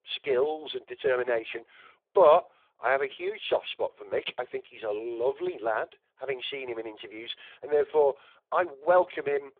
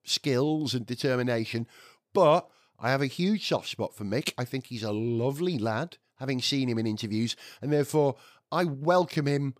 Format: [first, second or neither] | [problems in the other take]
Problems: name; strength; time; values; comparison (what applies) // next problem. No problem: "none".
second | phone-call audio; poor line; nothing above 3.5 kHz